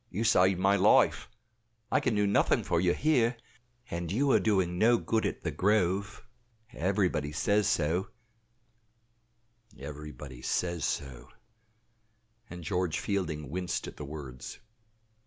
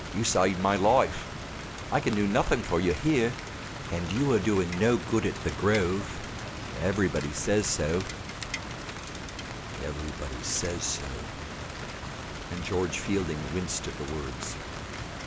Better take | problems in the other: first | background sound (Rain); 8 dB below the speech

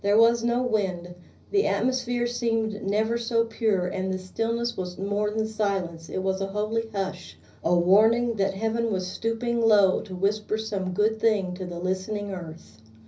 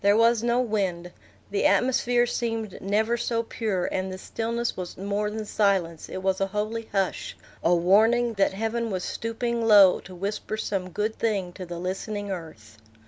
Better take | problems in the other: second | room echo; dies away in 0.5 s

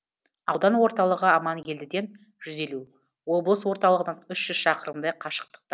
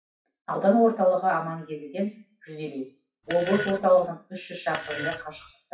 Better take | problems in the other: first | noise reduction (classical method WPE with log-MMSE)

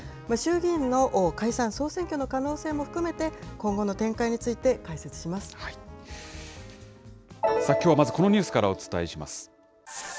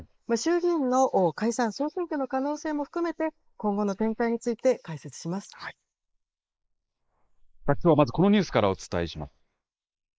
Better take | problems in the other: first | noise reduction (neural mask model Resemble Enhance denoiser)

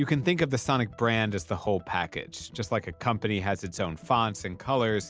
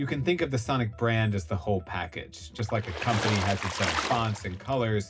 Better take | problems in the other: first | background sound (Water / Splash, splatter); 5 dB below the speech // room echo; dies away in 0.4 s

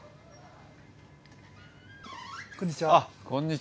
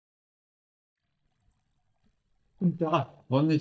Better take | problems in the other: first | noise reduction (neural mask model DeepFilterNet 3)

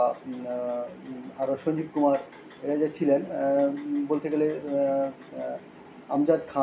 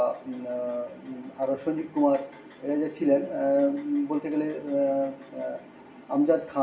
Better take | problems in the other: first | room echo; dies away in 0.6 s

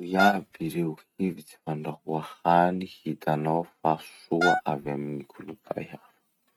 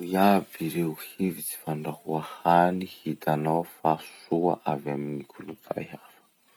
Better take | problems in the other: second | noise reduction (neural mask model RNNoise)

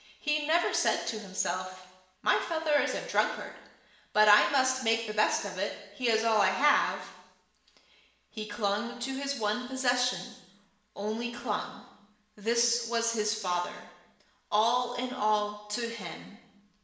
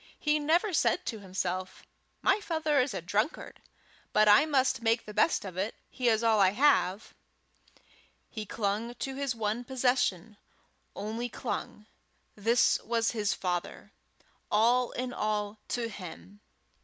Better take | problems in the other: second | room echo; dies away in 1 s

